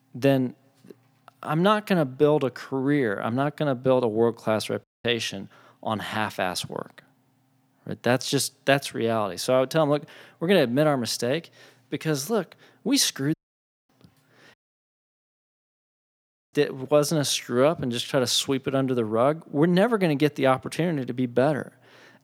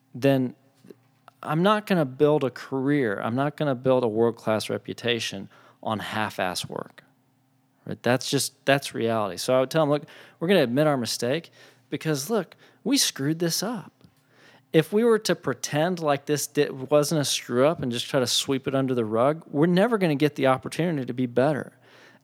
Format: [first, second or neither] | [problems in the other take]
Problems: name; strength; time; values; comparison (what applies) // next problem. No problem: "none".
second | audio cutting out; at 5 s, at 13 s for 0.5 s and at 15 s for 2 s